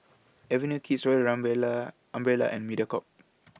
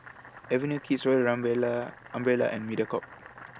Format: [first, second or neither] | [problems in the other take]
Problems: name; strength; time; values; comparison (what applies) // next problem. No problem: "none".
first | background sound (Boiling); 19 dB below the speech